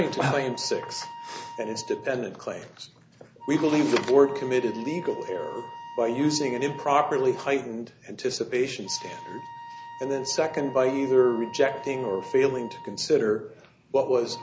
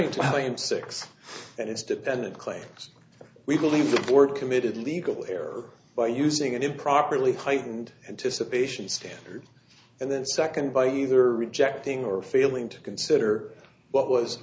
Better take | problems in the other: second | background sound (Wind instrument, woodwind instrument); 16 dB below the speech

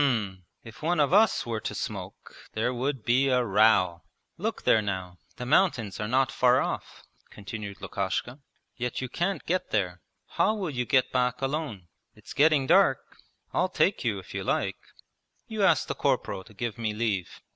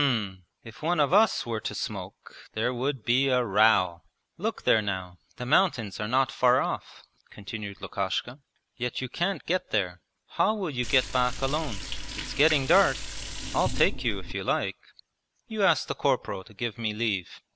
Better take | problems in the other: first | background sound (Liquid); 4 dB below the speech

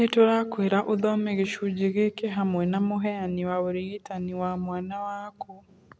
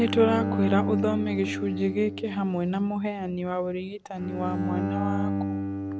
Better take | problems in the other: first | background sound (Bowed string instrument); 3 dB below the speech

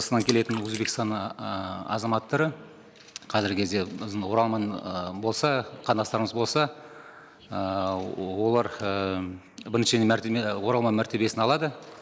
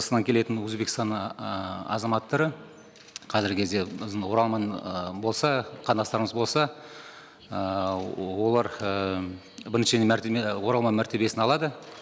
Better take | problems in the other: second | noise reduction (neural mask model Resemble Enhance denoiser)

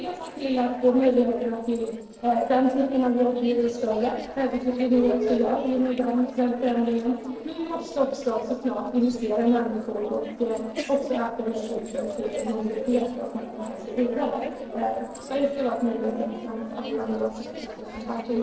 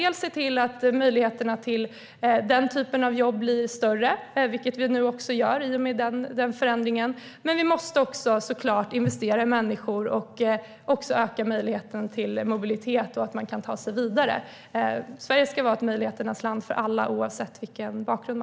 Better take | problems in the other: second | noise reduction (neural separator model SepFormer DNS4)

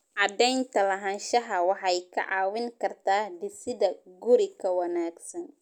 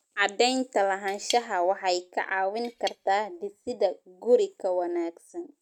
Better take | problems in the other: first | noise reduction (neural mask model RNNoise)

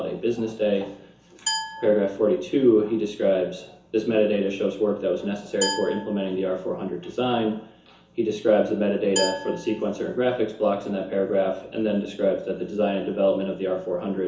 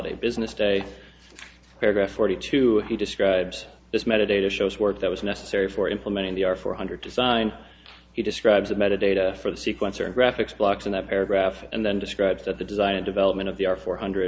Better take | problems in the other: second | background sound (Glass); 10 dB below the speech // room echo; dies away in 0.7 s

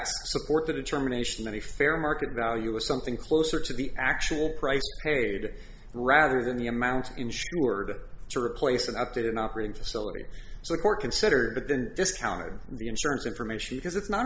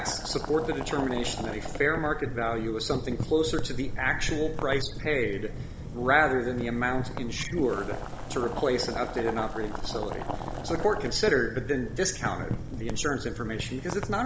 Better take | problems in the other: first | background sound (Boiling); 8 dB below the speech

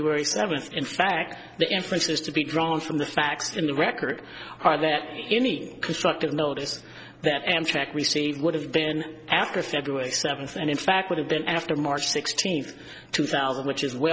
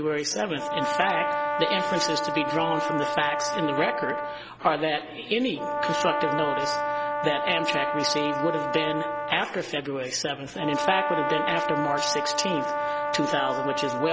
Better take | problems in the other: first | background sound (Brass instrument); as loud as the speech

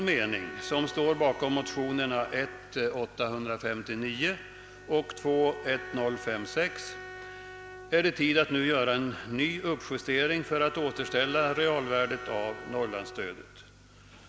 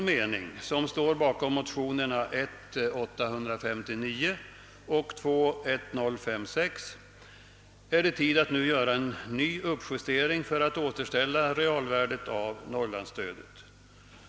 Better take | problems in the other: second | background sound (Bowed string instrument); 16 dB below the speech

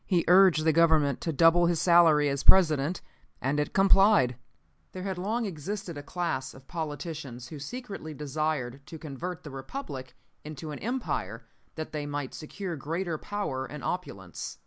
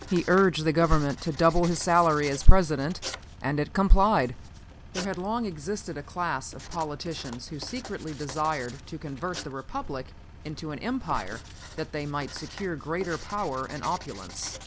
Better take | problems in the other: first | background sound (Engine + Writing); 17 dB below the speech

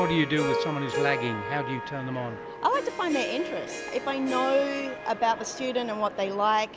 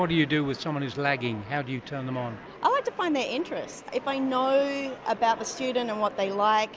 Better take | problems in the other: second | background sound (Harp); 6 dB below the speech

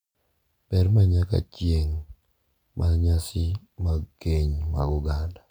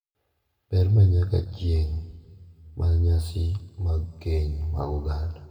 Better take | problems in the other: first | room echo; dies away in 1.4 s

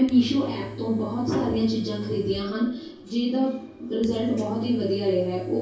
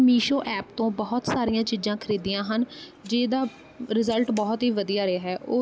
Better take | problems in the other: second | background sound (Domestic sounds, home sounds); 16 dB below the speech // room echo; dies away in 0.6 s

